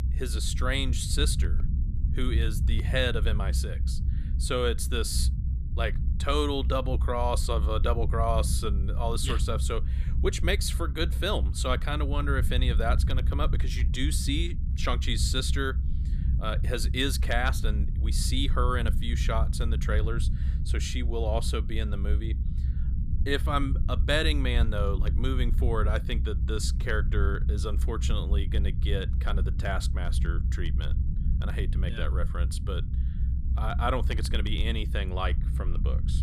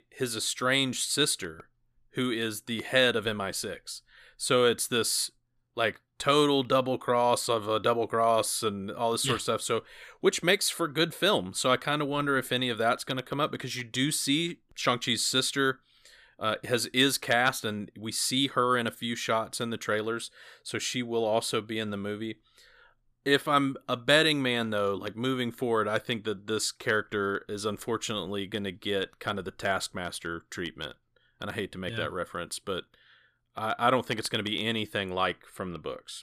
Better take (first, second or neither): second